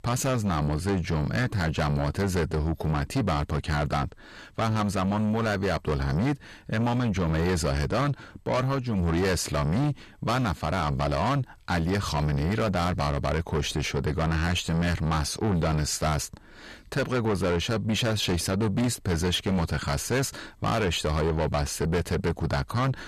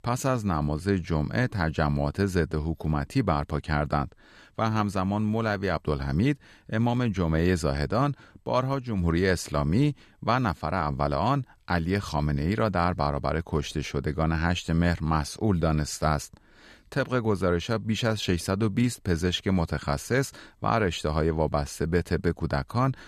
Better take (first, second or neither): second